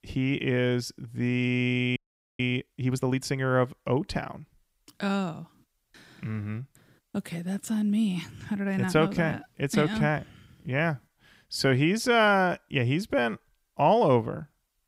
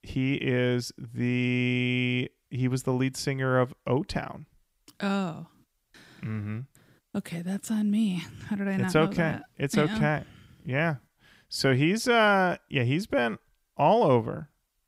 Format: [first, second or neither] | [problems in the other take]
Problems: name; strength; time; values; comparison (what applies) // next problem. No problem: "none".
second | audio freezing; at 2 s